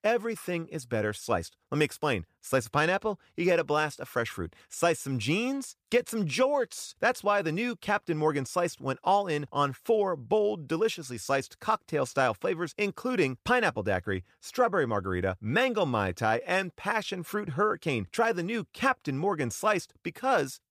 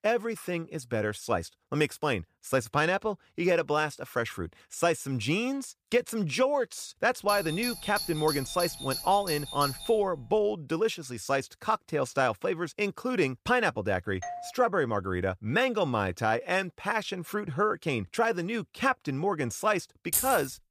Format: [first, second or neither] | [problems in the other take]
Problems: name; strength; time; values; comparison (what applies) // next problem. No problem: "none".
first | doorbell; noticeable; from 7.5 to 10 s and at 14 s; peak 5 dB below the speech // jangling keys; loud; at 20 s; peak 2 dB above the speech